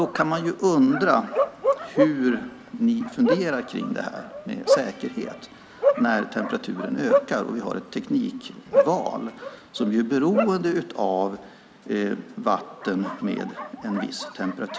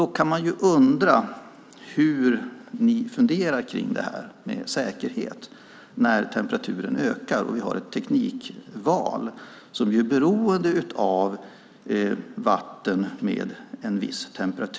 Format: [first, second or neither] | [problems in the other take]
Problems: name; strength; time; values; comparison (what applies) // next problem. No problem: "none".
second | background sound (Bark); 4 dB below the speech